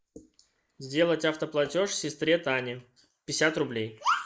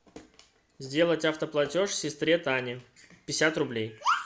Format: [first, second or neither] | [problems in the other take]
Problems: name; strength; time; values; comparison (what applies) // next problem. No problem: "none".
second | noise reduction (neural mask model Resemble Enhance denoiser)